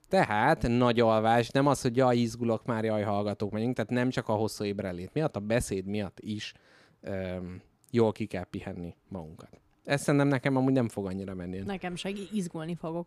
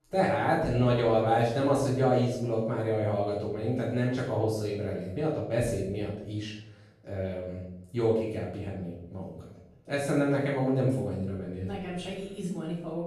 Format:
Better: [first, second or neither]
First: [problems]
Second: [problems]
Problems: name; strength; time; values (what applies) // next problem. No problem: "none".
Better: first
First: none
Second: off-mic speech; far // room echo; noticeable; dies away in 0.8 s